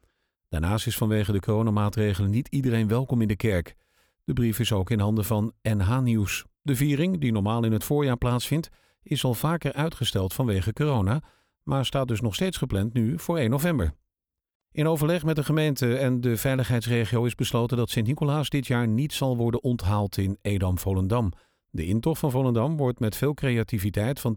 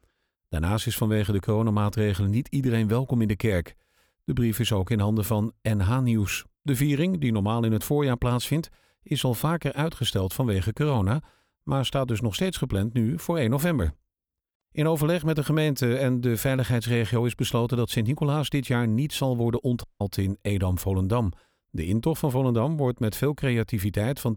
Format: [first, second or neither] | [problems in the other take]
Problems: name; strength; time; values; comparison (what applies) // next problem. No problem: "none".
first | audio cutting out; at 20 s